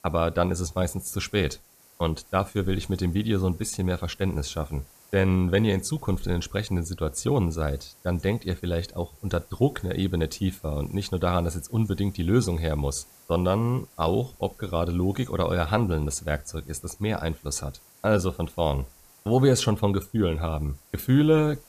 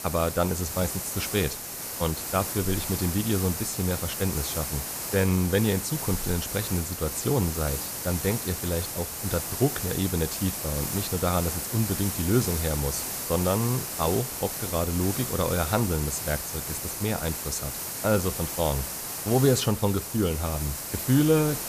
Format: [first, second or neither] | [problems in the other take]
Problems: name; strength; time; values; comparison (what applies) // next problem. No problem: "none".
first | hiss; loud; throughout; 3 dB below the speech; faint in the first